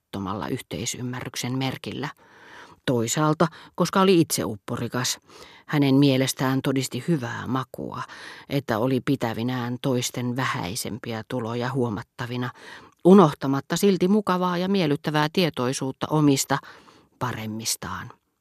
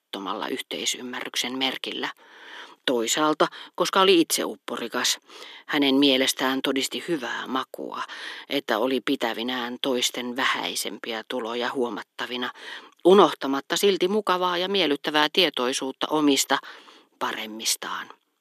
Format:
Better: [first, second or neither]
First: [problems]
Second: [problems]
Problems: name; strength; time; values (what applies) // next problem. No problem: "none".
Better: first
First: none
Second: thin; very slightly; fading below 250 Hz